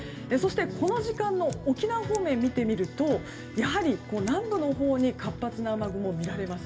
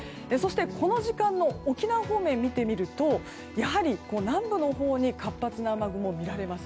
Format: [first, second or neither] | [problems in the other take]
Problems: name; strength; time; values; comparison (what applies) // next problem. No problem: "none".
second | background sound (Scissors); 18 dB below the speech // room echo; dies away in 0.3 s